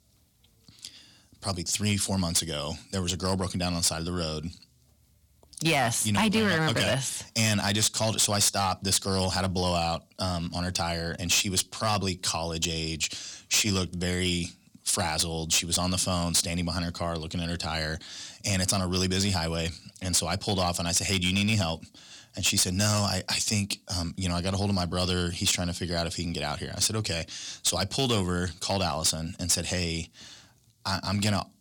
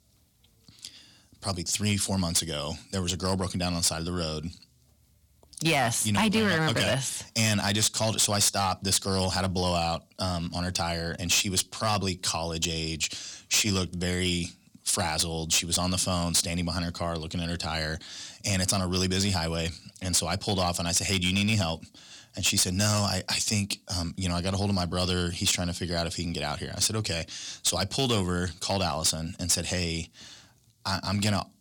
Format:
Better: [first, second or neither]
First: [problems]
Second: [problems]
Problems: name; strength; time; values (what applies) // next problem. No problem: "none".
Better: neither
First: distortion; slight; 3% of the sound clipped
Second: distortion; slight; 3% of the sound clipped